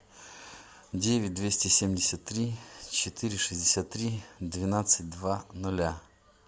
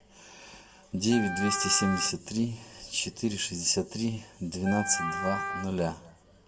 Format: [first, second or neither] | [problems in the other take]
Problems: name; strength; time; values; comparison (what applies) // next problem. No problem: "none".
first | background sound (Wind instrument, woodwind instrument); 4 dB below the speech // room echo; dies away in 1.3 s